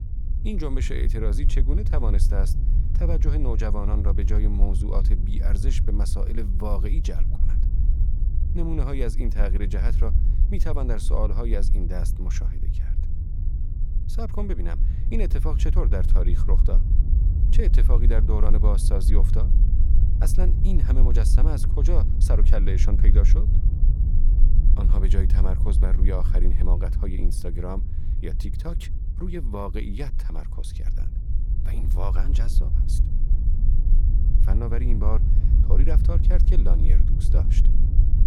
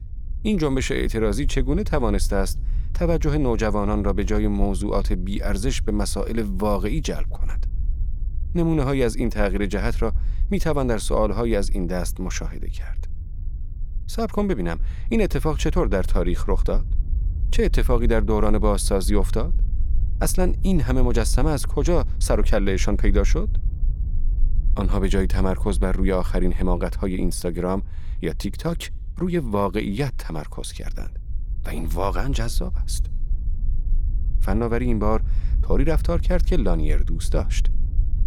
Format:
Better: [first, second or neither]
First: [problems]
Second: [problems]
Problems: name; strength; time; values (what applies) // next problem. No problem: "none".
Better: second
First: low rumble; loud; throughout; 6 dB below the speech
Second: low rumble; faint; throughout; 20 dB below the speech